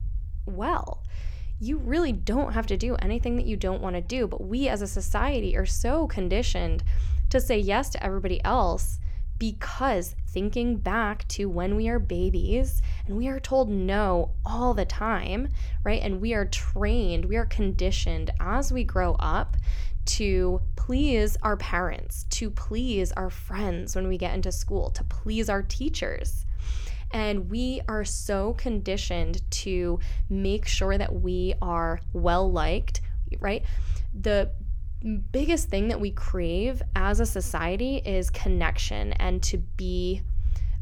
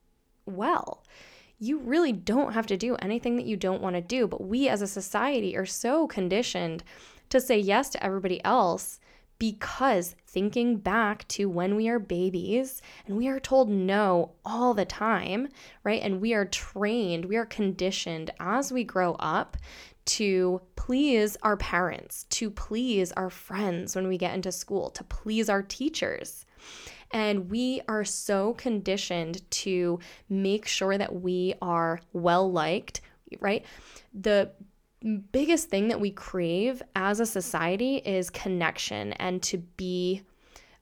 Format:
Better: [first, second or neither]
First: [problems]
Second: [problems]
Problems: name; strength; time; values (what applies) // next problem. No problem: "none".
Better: second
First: low rumble; faint; throughout; 25 dB below the speech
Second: none